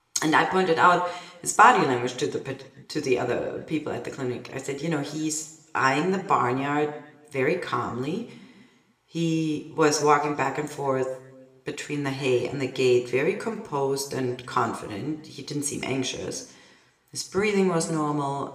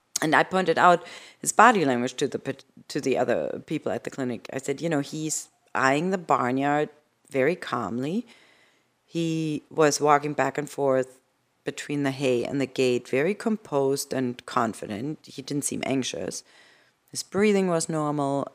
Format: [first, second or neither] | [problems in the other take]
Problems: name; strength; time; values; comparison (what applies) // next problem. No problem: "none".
second | room echo; slight; dies away in 0.7 s